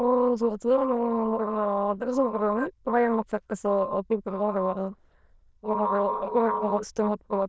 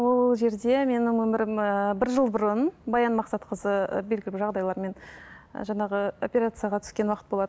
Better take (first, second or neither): second